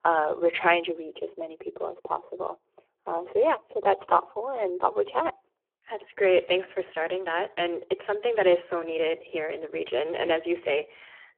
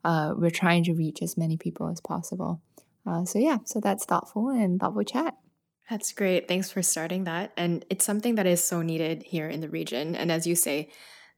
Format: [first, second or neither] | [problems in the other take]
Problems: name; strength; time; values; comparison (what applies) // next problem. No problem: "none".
second | phone-call audio; poor line